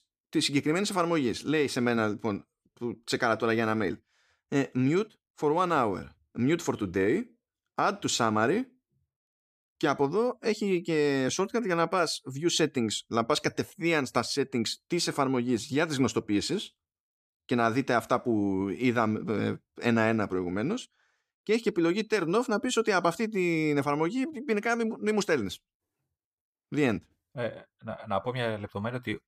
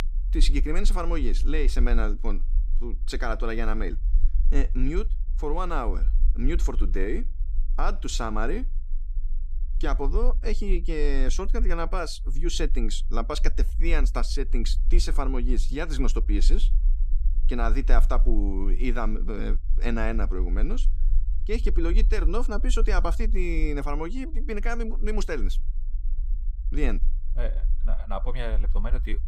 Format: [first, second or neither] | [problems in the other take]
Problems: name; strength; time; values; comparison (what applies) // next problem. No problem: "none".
first | low rumble; faint; throughout; 20 dB below the speech